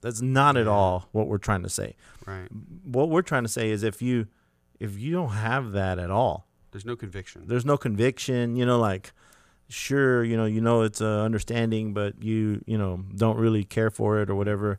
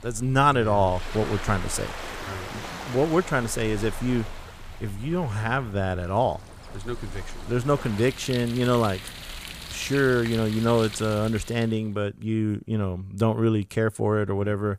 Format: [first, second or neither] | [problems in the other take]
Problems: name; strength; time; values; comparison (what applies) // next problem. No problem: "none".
first | rain or running water; noticeable; until 11 s; 15 dB below the speech